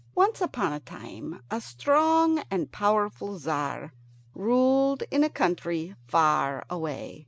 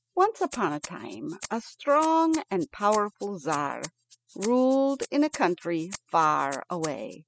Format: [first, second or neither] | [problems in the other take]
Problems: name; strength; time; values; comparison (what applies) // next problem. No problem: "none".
first | noise reduction (classical method spectral subtraction)